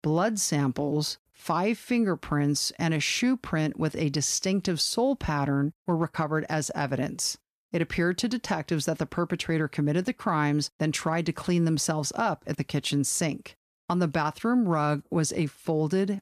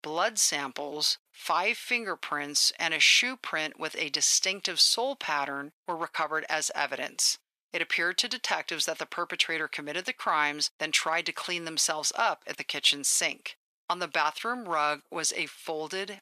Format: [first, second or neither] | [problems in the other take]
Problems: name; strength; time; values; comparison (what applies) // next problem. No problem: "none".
first | thin; very; fading below 700 Hz